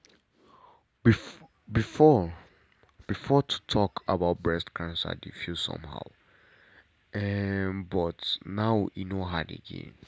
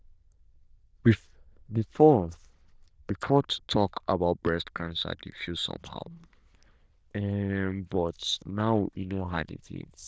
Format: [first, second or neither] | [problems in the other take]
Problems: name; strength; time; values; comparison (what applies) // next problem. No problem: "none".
first | noise reduction (neural diffusion model UNIVERSE++)